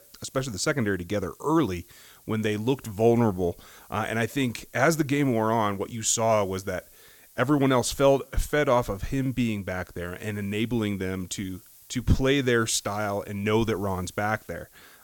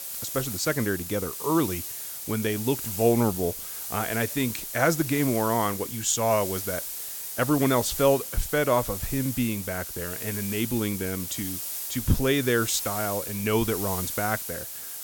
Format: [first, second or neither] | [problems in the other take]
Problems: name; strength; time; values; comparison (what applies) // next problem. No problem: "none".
first | hiss; loud; throughout; 5 dB below the speech; faint in the first